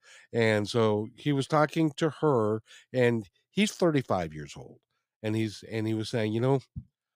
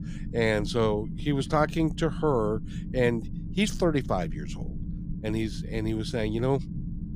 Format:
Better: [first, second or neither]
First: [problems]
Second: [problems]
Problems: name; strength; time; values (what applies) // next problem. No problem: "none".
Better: first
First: none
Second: low rumble; noticeable; throughout; 15 dB below the speech